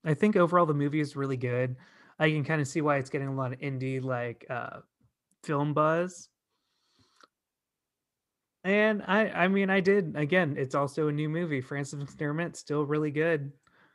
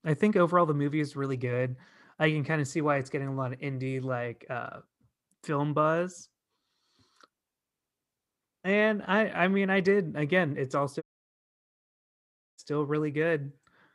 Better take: first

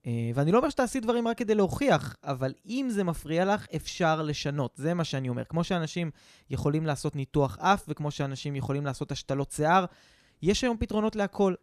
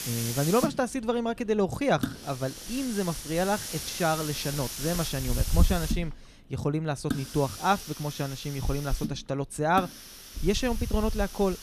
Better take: first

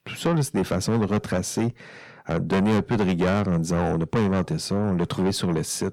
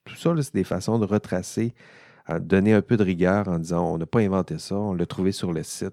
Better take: second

